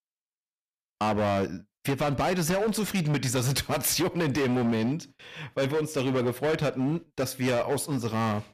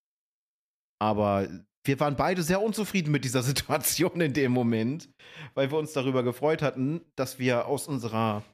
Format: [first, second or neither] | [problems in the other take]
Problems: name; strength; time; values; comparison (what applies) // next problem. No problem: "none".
second | distortion; heavy; 18% of the sound clipped